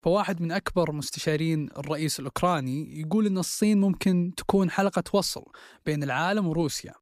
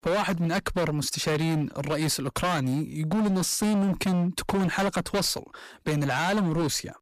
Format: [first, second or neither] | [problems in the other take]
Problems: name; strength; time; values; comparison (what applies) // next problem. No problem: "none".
first | distortion; heavy; 23% of the sound clipped